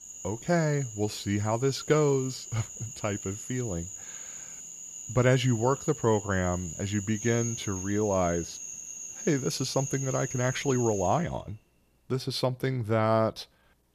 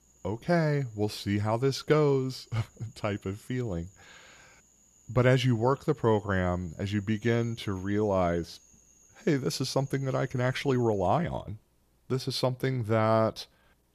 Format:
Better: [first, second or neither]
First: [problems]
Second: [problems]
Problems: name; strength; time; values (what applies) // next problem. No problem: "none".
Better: second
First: animal sounds; loud; until 11 s; 10 dB below the speech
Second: animal sounds; faint; until 11 s; 30 dB below the speech